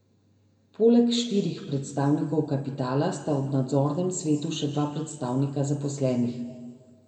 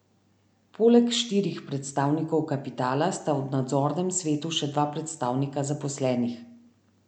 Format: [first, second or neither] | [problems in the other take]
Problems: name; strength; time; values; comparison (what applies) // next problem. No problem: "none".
second | room echo; dies away in 1.4 s